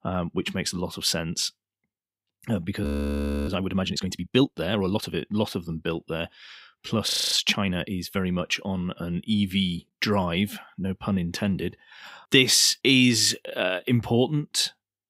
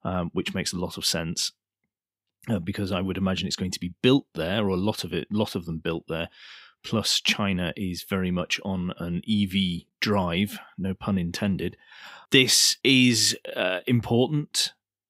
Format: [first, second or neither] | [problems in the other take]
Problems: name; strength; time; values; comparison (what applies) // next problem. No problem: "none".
second | audio freezing; at 3 s for 0.5 s and at 7 s